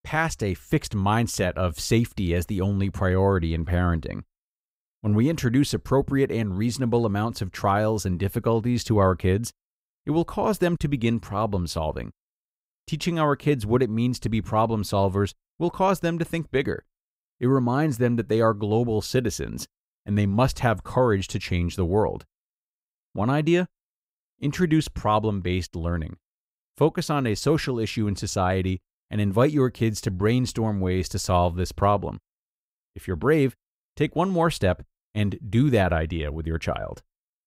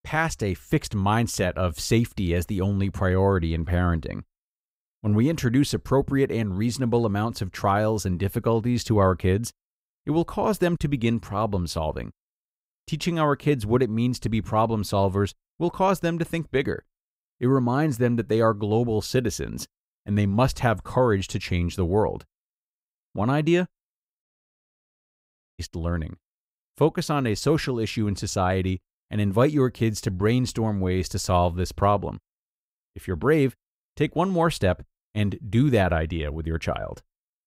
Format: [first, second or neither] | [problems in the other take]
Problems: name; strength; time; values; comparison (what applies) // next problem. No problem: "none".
first | audio cutting out; at 24 s for 1.5 s